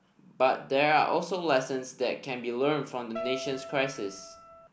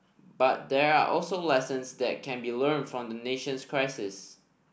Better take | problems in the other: second | background sound (Keyboard (musical)); 11 dB below the speech

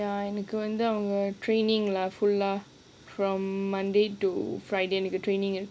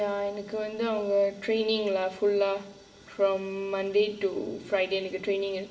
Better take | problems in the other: first | room echo; dies away in 0.8 s

